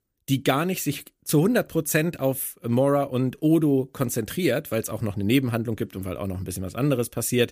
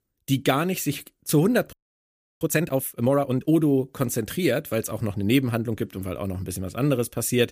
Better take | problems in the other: first | audio freezing; at 1.5 s for 0.5 s

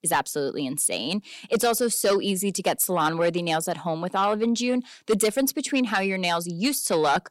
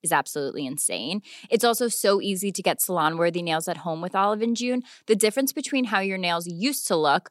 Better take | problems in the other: second | distortion; slight; 10 dB below the speech

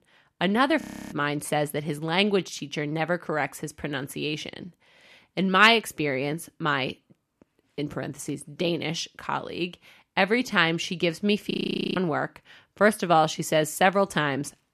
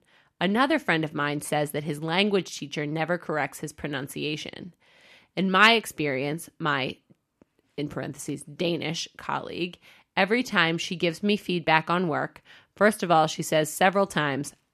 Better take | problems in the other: second | audio freezing; at 1 s and at 12 s

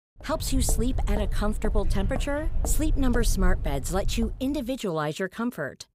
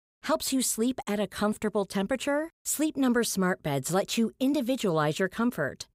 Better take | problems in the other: second | footsteps; loud; until 4.5 s; peak 1 dB above the speech

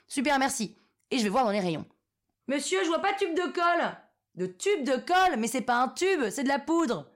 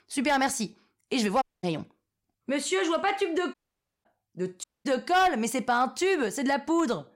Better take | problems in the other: first | audio cutting out; at 1.5 s, at 3.5 s for 0.5 s and at 4.5 s

